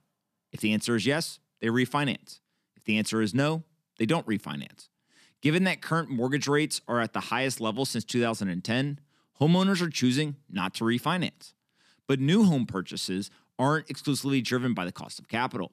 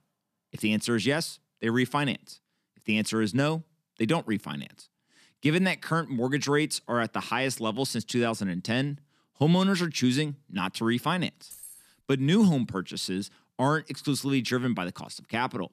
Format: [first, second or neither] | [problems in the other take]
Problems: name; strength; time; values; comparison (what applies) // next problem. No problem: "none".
first | jangling keys; faint; at 12 s; peak 15 dB below the speech